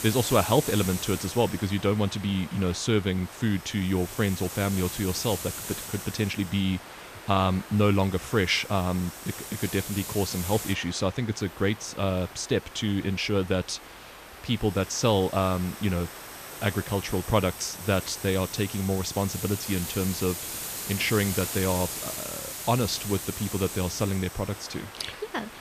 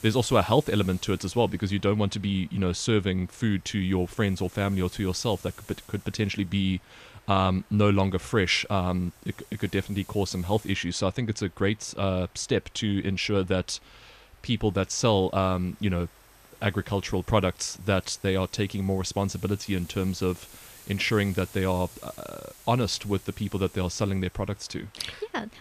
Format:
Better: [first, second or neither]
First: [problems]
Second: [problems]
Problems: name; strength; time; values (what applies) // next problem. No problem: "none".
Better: second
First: hiss; loud; throughout; 9 dB below the speech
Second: hiss; faint; throughout; 25 dB below the speech